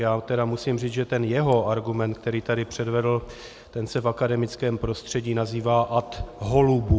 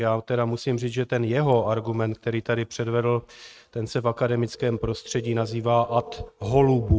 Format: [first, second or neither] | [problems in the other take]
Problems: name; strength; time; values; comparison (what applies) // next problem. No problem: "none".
first | noise reduction (neural mask model RNNoise)